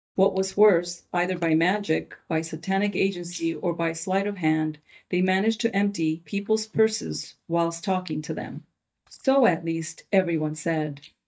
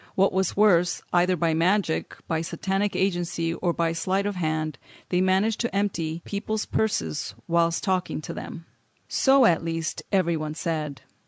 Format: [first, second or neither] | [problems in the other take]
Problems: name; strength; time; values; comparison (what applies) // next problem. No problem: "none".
second | noise reduction (neural mask model DeepFilterNet 3)